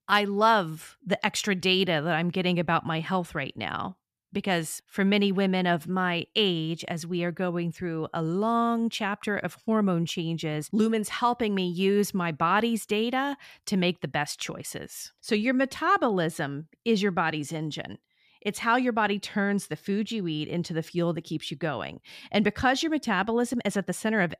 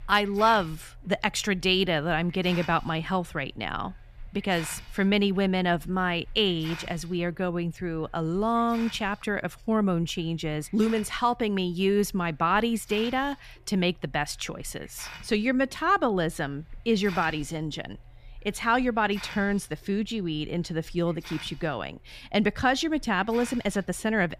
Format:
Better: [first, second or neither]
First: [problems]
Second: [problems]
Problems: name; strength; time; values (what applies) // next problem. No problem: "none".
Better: first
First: none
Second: hiss; noticeable; throughout; 20 dB below the speech